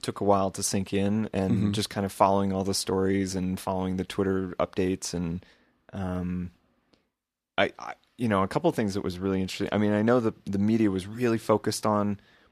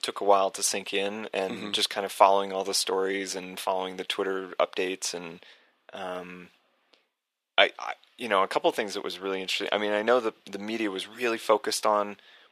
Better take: first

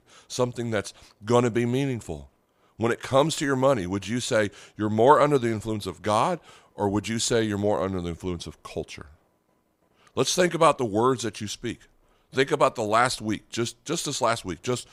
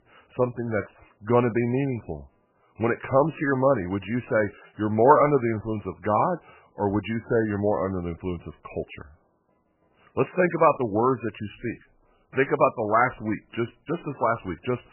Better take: first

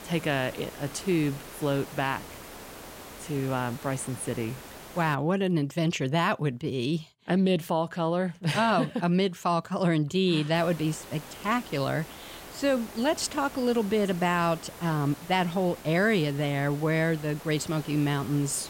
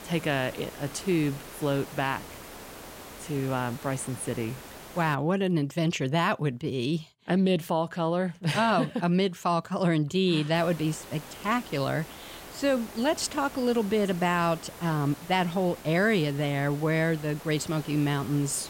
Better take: neither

